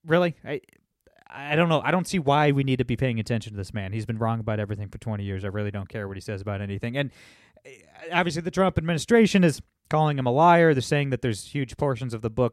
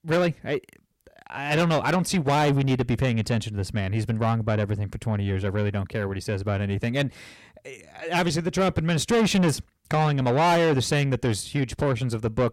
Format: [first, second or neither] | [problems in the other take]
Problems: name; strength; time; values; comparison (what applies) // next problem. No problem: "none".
first | distortion; heavy; 7 dB below the speech